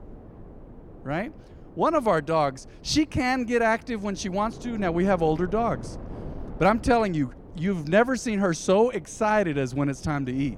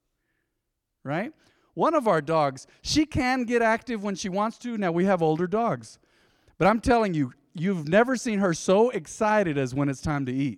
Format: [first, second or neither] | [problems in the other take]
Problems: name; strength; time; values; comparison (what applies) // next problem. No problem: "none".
second | wind noise on the microphone; occasional gusts; 25 dB below the speech